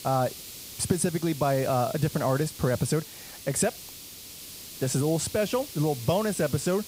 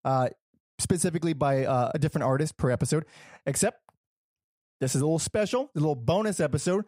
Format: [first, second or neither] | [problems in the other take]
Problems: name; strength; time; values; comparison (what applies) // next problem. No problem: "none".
second | hiss; noticeable; throughout; 10 dB below the speech